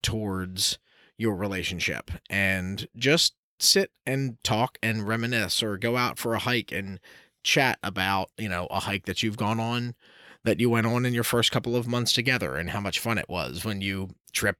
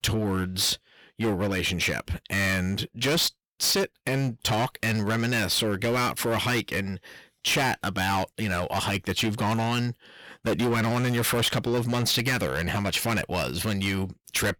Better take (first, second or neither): first